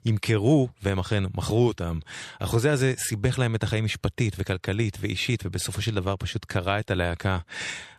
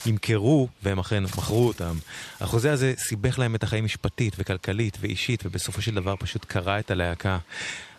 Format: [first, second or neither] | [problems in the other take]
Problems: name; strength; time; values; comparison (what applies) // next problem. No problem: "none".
first | animal sounds; noticeable; throughout; 20 dB below the speech